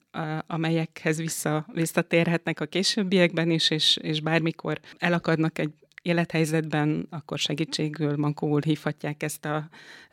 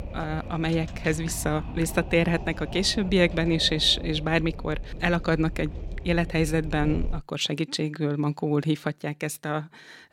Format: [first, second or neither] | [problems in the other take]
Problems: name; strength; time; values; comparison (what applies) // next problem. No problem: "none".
first | wind noise on the microphone; occasional gusts; until 7 s; 15 dB below the speech